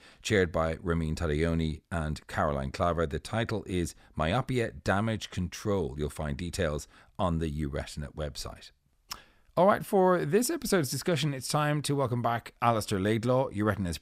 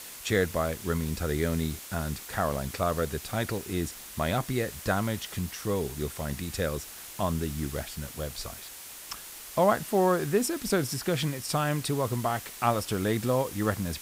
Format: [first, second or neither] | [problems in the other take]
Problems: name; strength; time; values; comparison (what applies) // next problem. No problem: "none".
first | hiss; noticeable; throughout; 10 dB below the speech